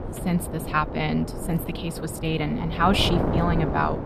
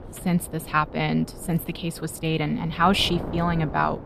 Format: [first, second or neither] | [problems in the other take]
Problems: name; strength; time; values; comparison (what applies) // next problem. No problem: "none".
second | wind noise on the microphone; heavy; 6 dB below the speech; occasional gusts in the second